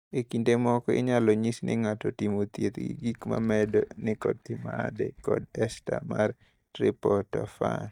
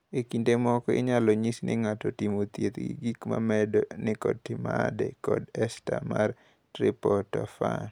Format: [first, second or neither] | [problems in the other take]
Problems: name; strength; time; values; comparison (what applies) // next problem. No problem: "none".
second | noise reduction (neural mask model DeepFilterNet 3)